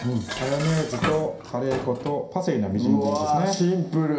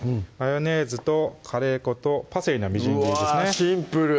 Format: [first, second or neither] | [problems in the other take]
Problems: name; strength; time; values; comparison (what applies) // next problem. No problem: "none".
second | background sound (Dishes, pots, and pans); 11 dB below the speech // room echo; dies away in 0.5 s